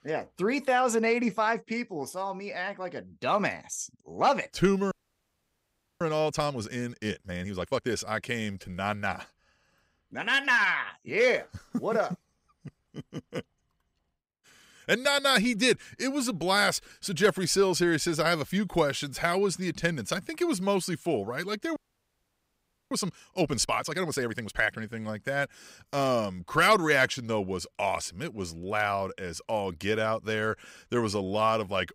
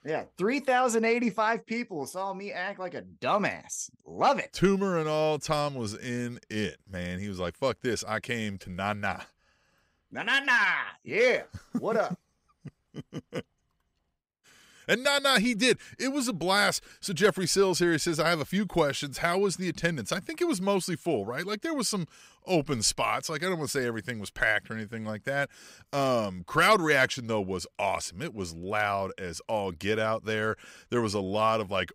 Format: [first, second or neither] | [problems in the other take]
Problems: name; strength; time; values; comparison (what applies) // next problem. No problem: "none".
second | audio freezing; at 5 s for 1 s and at 22 s for 1 s